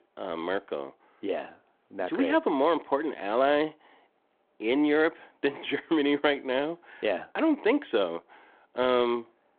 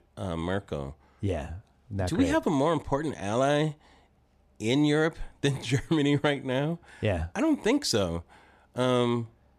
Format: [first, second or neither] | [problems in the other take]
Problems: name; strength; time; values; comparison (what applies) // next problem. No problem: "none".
second | phone-call audio